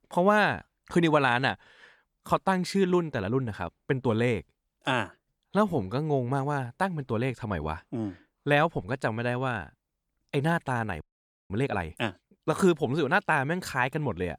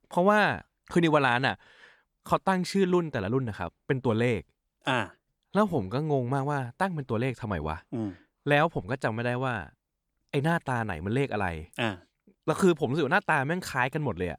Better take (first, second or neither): second